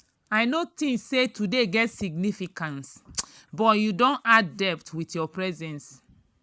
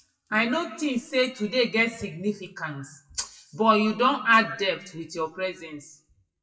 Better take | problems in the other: first | noise reduction (classical method WPE with log-MMSE)

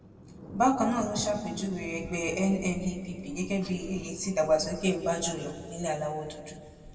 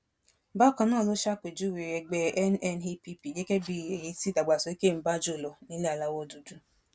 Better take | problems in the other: second | background sound (Thunder); 15 dB below the speech // room echo; dies away in 1.9 s

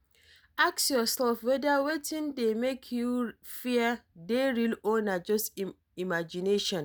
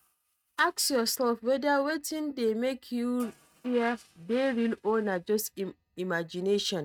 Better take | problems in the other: first | noise reduction (neural mask model RNNoise)

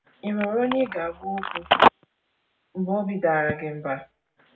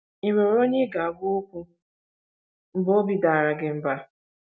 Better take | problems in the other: second | background sound (Telephone); as loud as the speech // room echo; dies away in 0.3 s

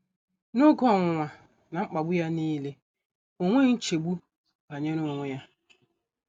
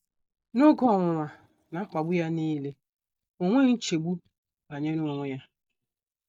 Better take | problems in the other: first | noise reduction (neural mask model DeepFilterNet 3)

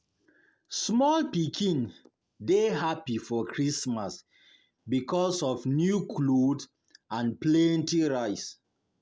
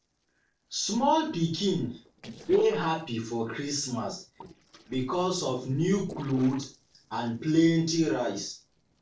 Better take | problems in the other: first | noise reduction (neural separator model SepFormer DNS4)

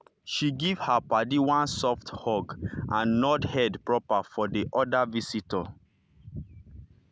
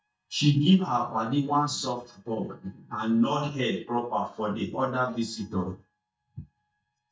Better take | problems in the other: first | noise reduction (neural mask model DeepFilterNet 3)

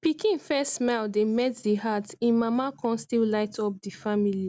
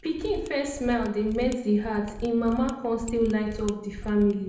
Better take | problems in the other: first | background sound (Mechanisms); 14 dB below the speech // room echo; dies away in 0.7 s

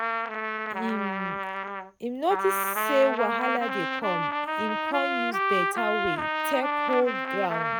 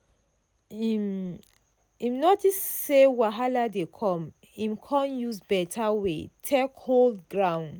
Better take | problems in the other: second | background sound (Trumpet); 1 dB above the speech

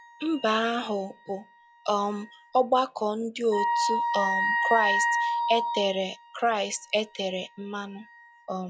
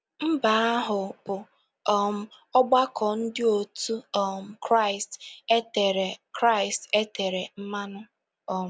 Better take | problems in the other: second | noise reduction (classical method log-MMSE)

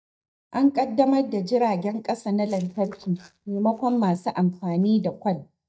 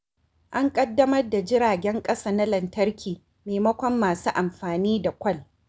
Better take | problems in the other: second | noise reduction (neural mask model DeepFilterNet 3)

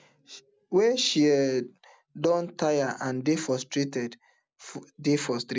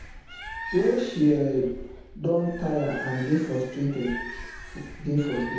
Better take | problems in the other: first | background sound (Bird); 12 dB below the speech // room echo; dies away in 0.9 s

